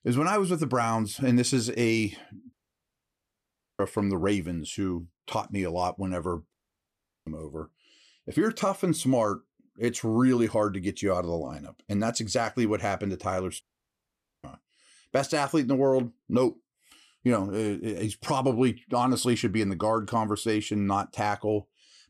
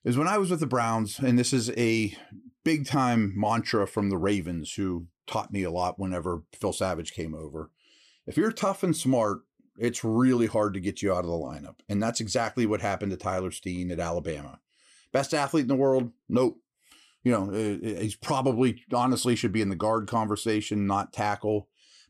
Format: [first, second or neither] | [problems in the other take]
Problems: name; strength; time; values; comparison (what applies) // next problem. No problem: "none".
second | audio cutting out; at 2.5 s for 1.5 s, at 6.5 s for 0.5 s and at 14 s for 1 s